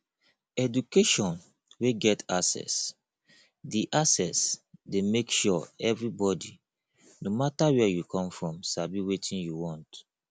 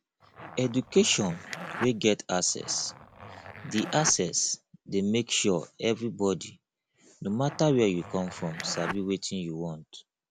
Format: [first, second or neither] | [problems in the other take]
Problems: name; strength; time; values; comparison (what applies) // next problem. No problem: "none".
first | background sound (Zipper (clothing)); 12 dB below the speech